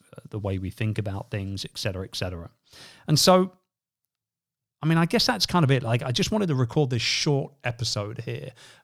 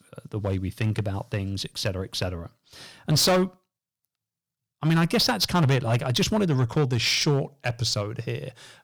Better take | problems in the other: first | distortion; slight; 5% of the sound clipped

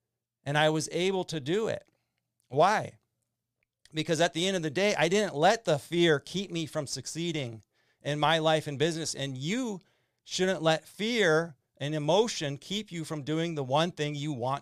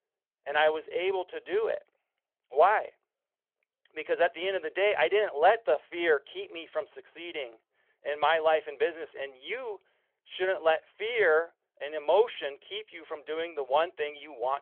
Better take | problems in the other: first | phone-call audio; nothing above 3.5 kHz

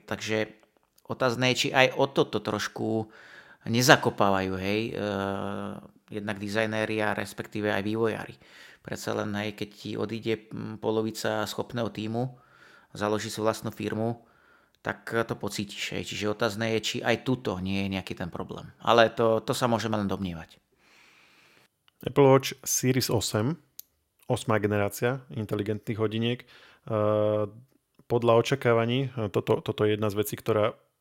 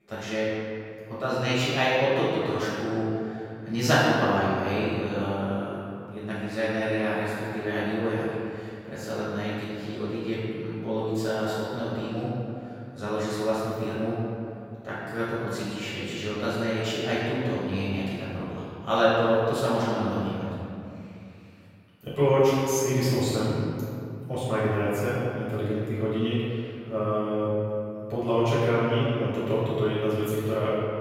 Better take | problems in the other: first | room echo; strong; dies away in 2.5 s // off-mic speech; far

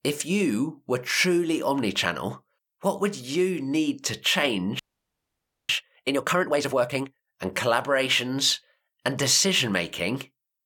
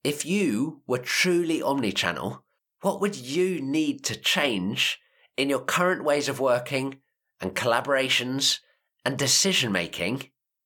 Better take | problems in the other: second | audio freezing; at 5 s for 1 s

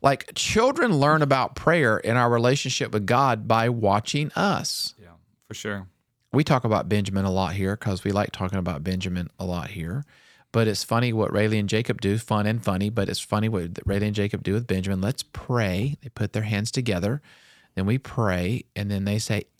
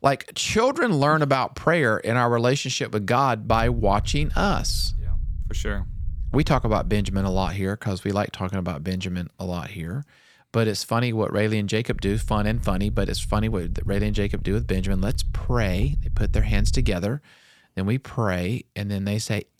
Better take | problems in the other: first | low rumble; faint; from 3.5 to 7.5 s and from 12 to 17 s; 25 dB below the speech

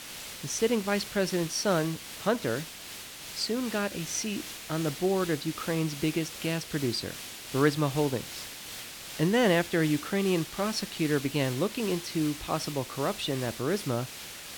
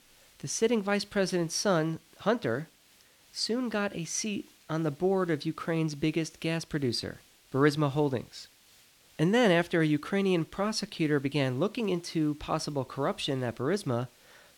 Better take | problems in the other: second | hiss; loud; throughout; 10 dB below the speech; faint in the second

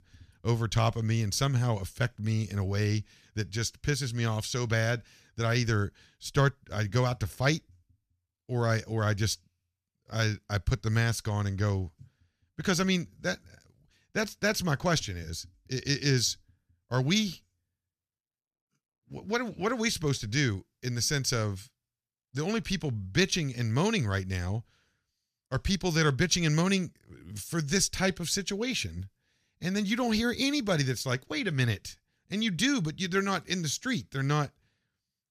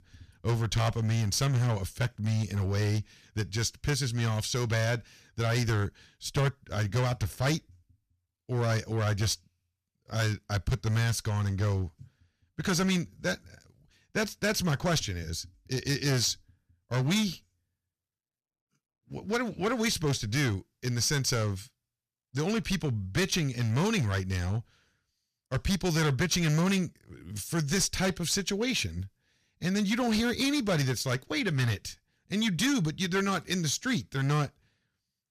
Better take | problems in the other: first | distortion; slight; 8% of the sound clipped

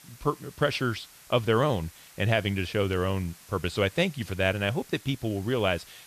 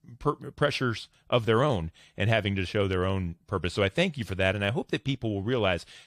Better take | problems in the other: second | hiss; faint; throughout; 20 dB below the speech

